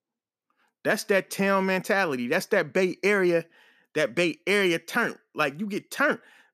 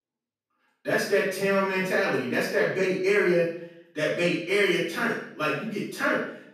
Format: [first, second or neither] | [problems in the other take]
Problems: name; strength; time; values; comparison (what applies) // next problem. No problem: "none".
first | room echo; noticeable; dies away in 0.6 s // off-mic speech; far